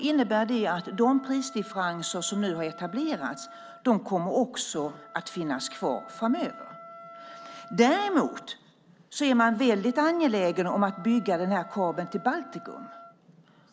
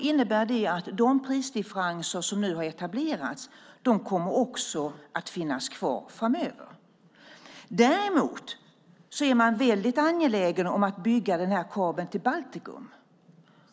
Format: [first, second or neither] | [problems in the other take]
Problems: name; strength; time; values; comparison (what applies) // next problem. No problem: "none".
second | background sound (Wind instrument, woodwind instrument); 19 dB below the speech